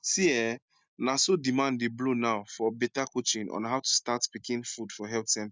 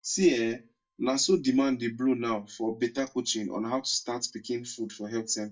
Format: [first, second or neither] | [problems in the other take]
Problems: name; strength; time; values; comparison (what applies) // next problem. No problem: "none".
first | noise reduction (neural mask model DeepFilterNet 3)